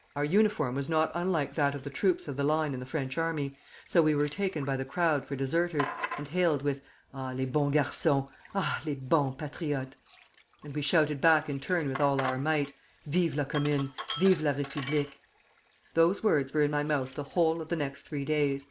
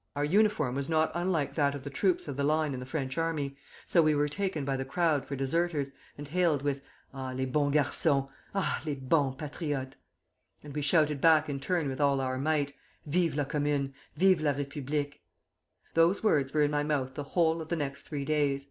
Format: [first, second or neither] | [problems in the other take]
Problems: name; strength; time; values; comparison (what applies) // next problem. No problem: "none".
second | background sound (Sink (filling or washing)); 16 dB below the speech